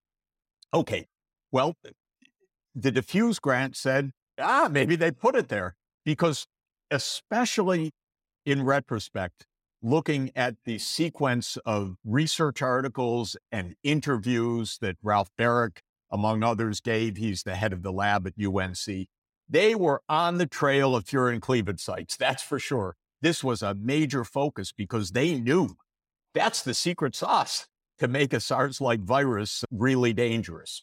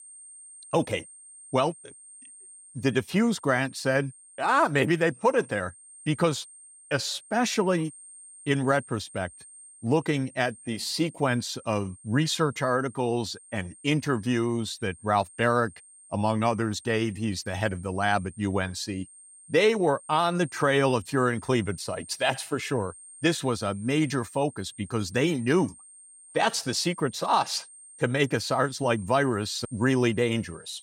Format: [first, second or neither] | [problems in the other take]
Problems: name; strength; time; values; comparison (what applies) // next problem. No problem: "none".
first | high-pitched whine; faint; throughout; 8.5 kHz, 20 dB below the speech